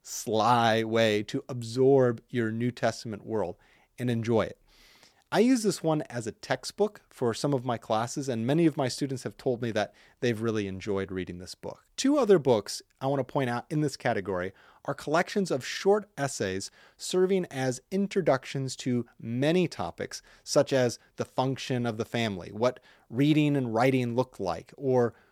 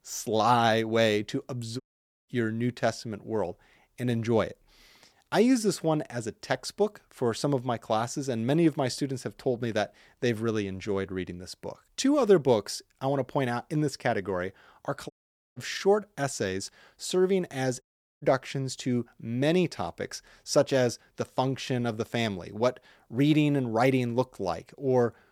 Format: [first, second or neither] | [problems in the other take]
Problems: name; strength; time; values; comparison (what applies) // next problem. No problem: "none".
first | audio cutting out; at 2 s, at 15 s and at 18 s